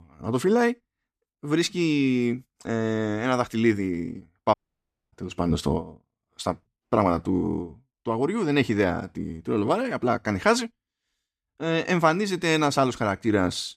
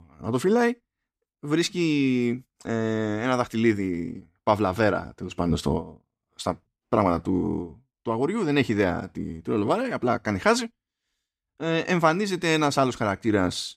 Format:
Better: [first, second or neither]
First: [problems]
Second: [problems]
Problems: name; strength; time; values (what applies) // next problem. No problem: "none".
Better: second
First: audio cutting out; at 4.5 s for 0.5 s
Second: none